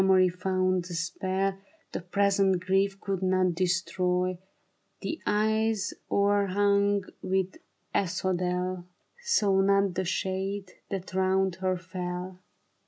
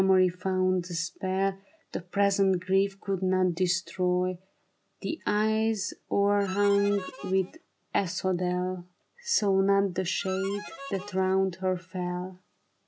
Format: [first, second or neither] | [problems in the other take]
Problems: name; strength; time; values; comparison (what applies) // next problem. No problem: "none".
first | background sound (Harmonica); 14 dB below the speech